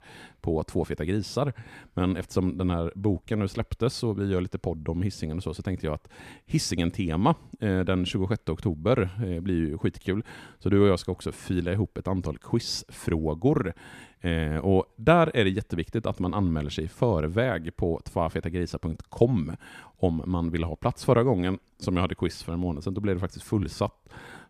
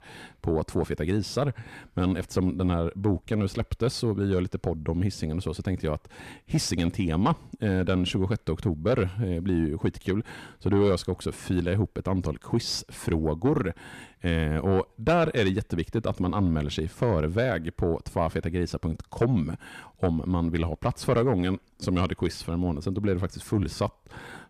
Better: first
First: none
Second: distortion; slight; 10 dB below the speech

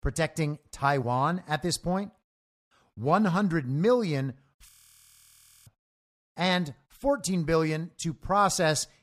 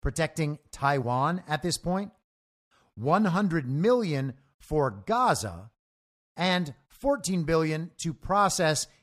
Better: second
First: audio freezing; at 4.5 s for 1 s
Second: none

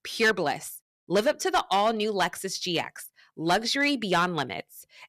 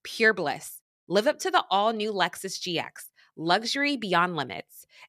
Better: second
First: distortion; slight; 4% of the sound clipped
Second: none

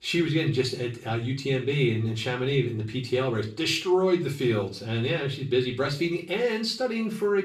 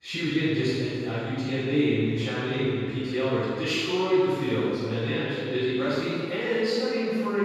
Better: first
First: room echo; slight; dies away in 0.3 s // off-mic speech; far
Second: room echo; strong; dies away in 2.1 s // off-mic speech; far

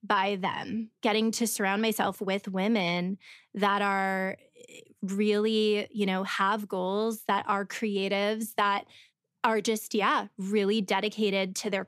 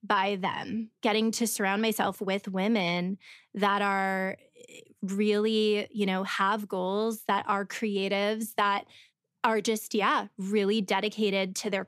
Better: neither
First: none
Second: none

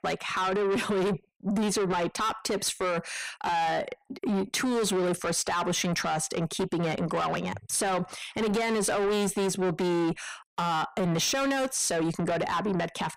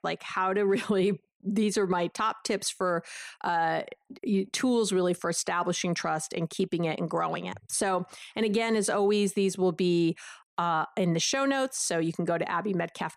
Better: second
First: distortion; heavy; 8 dB below the speech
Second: none

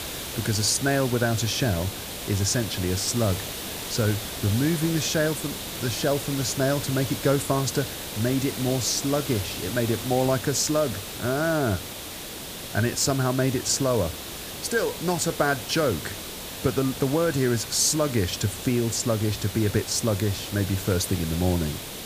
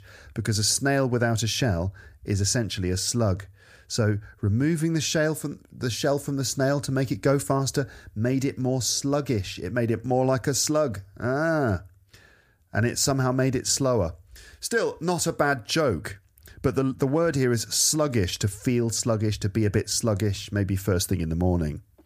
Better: second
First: hiss; loud; throughout; 8 dB below the speech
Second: none

